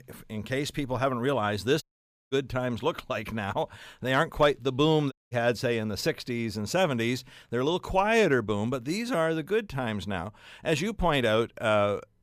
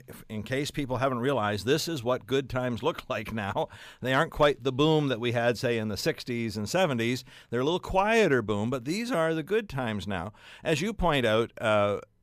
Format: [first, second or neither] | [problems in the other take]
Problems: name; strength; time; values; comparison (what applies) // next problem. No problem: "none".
second | audio cutting out; at 2 s and at 5 s